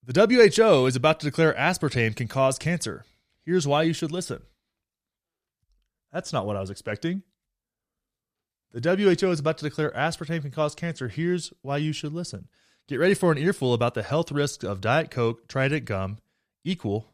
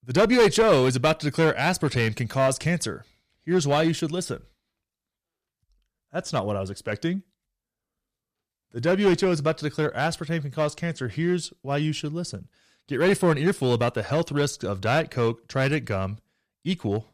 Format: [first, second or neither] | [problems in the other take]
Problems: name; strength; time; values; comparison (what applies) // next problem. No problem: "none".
first | distortion; slight; 3% of the sound clipped